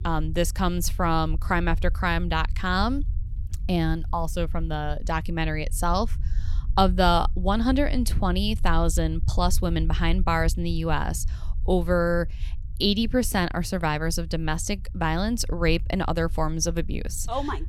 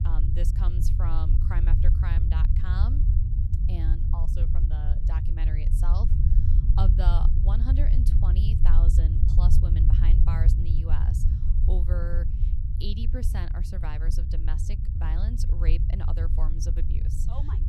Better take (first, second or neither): first